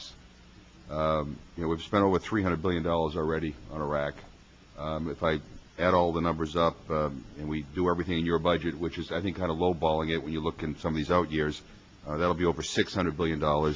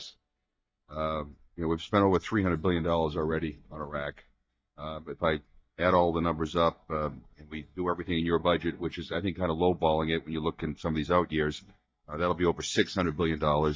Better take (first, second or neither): first